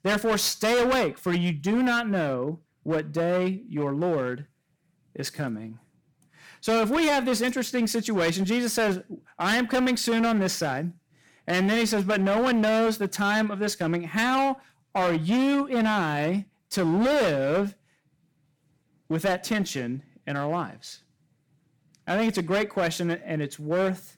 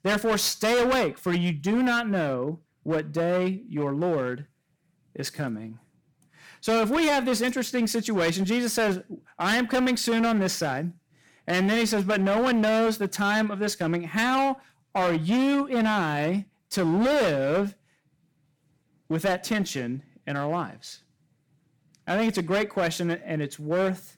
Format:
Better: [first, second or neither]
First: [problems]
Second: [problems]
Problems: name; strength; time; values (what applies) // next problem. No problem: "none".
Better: neither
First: distortion; heavy; 16% of the sound clipped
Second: distortion; heavy; 16% of the sound clipped